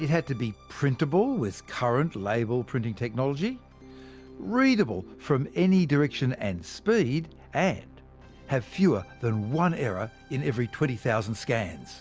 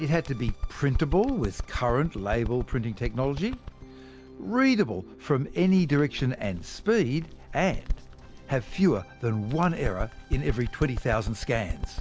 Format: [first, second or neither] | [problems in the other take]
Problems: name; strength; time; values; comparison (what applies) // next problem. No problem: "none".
first | background sound (Bird); 8 dB below the speech